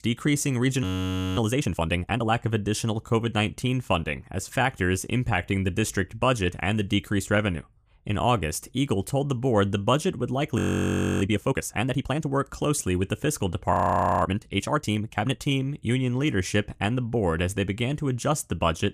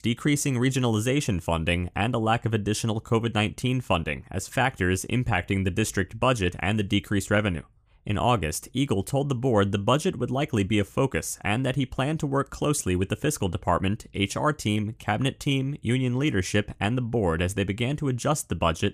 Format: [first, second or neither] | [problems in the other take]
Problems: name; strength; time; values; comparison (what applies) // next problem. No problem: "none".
second | audio freezing; at 1 s for 0.5 s, at 11 s for 0.5 s and at 14 s